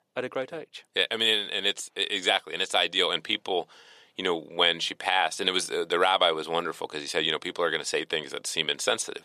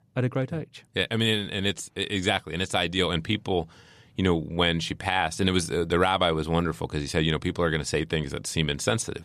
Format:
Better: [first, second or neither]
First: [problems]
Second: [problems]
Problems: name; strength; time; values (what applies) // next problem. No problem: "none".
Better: second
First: thin; very; fading below 500 Hz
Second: none